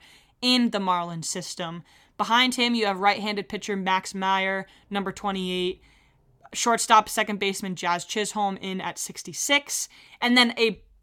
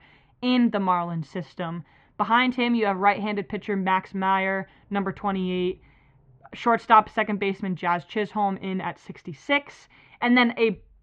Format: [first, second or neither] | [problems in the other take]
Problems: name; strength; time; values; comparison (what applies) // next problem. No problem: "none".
first | muffled; very; fading above 2.5 kHz